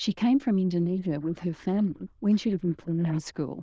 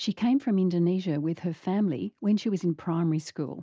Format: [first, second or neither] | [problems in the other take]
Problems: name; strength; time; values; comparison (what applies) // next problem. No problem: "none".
second | noise reduction (neural diffusion model UNIVERSE++)